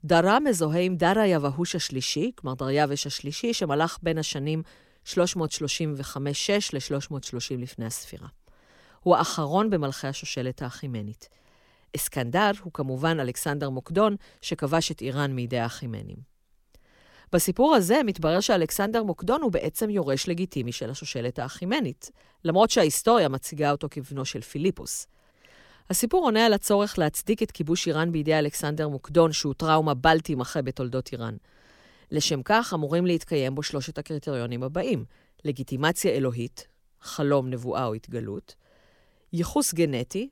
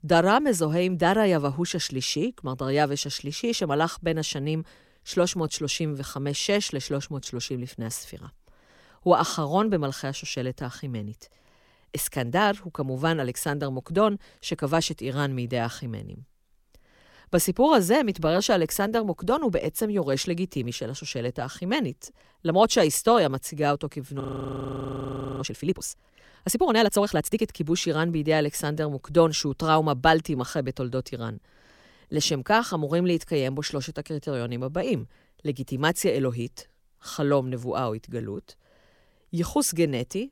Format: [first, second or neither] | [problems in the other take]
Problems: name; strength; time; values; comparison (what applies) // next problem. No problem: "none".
first | audio freezing; at 24 s for 1 s